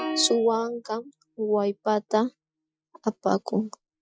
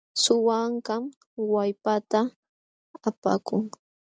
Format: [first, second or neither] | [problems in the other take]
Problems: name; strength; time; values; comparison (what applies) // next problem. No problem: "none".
second | noise reduction (classical method Wiener filter)